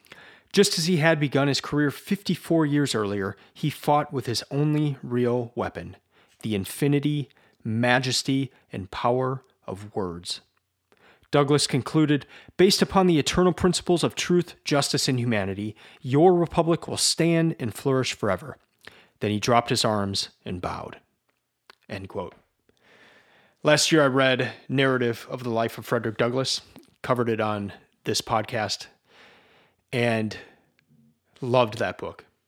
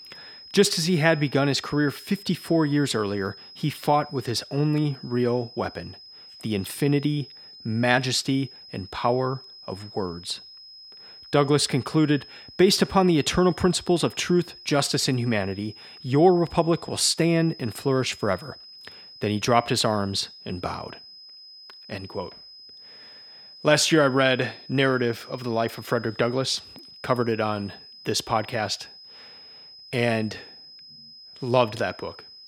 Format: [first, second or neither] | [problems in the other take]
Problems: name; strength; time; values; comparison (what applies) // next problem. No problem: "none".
first | high-pitched whine; noticeable; throughout; 5 kHz, 20 dB below the speech